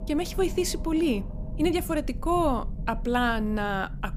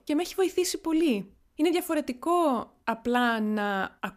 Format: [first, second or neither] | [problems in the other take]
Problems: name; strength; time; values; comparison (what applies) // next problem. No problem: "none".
second | low rumble; noticeable; throughout; 20 dB below the speech